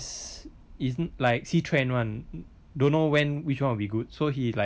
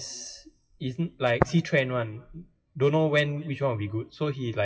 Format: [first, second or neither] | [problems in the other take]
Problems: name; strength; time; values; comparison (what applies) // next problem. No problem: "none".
first | noise reduction (classical method WPE with log-MMSE)